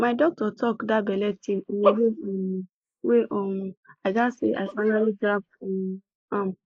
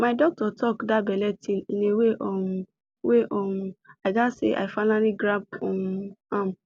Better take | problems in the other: second | noise reduction (neural mask model Resemble Enhance denoiser)

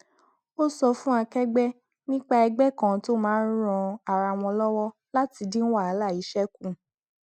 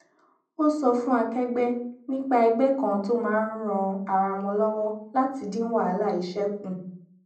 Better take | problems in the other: first | room echo; dies away in 0.6 s

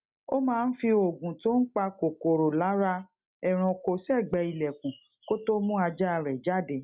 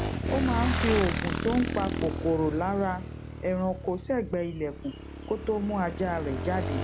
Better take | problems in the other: first | background sound (Motorcycle / Engine); 3 dB below the speech

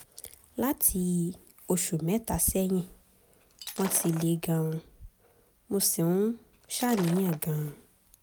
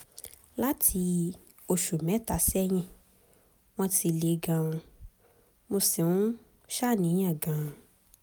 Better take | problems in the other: second | background sound (Shatter); 13 dB below the speech

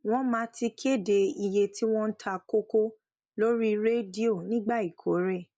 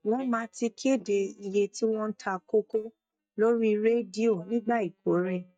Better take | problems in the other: first | noise reduction (neural mask model DeepFilterNet 3)

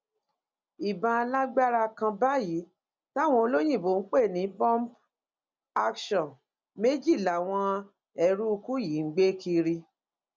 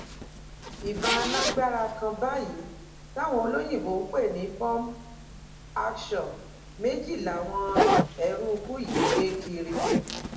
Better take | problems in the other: first | background sound (Zipper (clothing)); 1 dB below the speech // room echo; dies away in 0.7 s

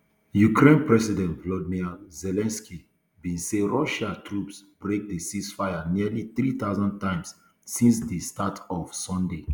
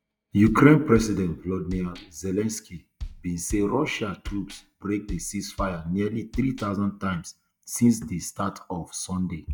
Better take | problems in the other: first | noise reduction (neural mask model DeepFilterNet 3)

